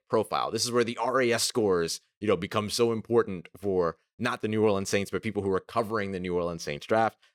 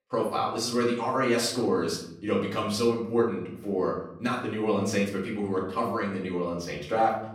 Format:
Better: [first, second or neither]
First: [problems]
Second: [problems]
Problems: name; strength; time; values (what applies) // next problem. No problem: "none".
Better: first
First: none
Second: off-mic speech; far // room echo; noticeable; dies away in 0.7 s